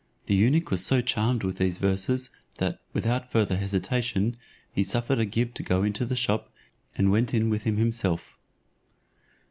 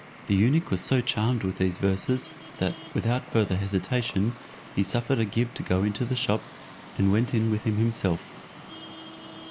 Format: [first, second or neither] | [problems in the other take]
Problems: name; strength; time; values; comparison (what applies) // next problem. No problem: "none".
first | background sound (Traffic noise, roadway noise); 17 dB below the speech